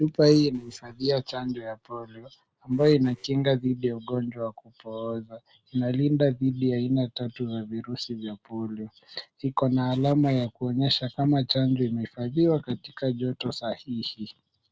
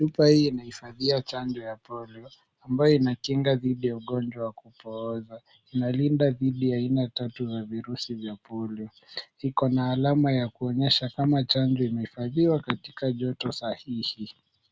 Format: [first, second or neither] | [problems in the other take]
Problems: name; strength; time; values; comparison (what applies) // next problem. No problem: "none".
second | noise reduction (neural separator model SepFormer DNS4)